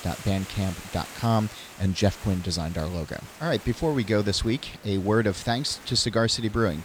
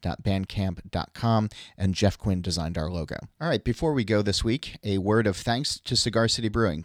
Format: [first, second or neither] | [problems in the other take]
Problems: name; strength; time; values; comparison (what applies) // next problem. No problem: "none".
second | hiss; noticeable; throughout; 15 dB below the speech